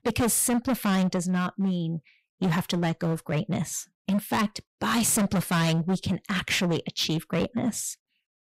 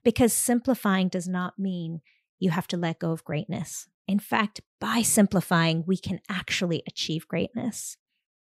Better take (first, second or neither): second